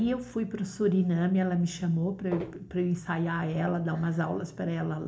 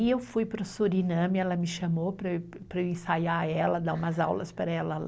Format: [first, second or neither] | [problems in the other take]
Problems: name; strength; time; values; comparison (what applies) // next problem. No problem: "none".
second | background sound (Walk, footsteps); 8 dB below the speech // room echo; dies away in 0.4 s